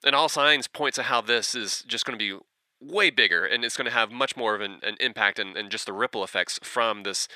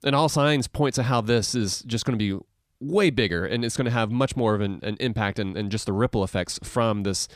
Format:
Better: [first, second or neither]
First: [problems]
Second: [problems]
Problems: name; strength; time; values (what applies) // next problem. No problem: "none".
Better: second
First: thin; very; fading below 450 Hz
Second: none